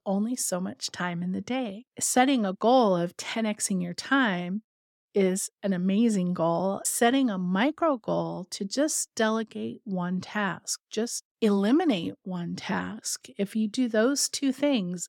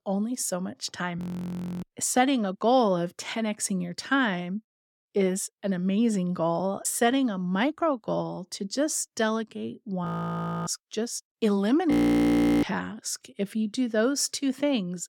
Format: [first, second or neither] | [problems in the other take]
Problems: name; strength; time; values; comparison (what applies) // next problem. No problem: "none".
first | audio freezing; at 1 s for 0.5 s, at 10 s for 0.5 s and at 12 s for 0.5 s